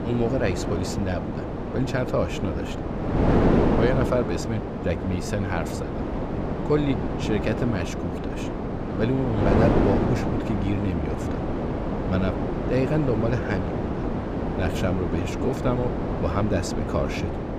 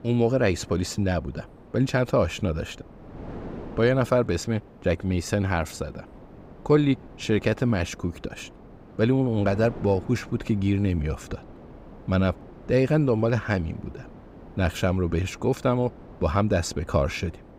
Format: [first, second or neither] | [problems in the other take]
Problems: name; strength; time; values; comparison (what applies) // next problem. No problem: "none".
second | wind noise on the microphone; heavy; as loud as the speech; occasional gusts in the second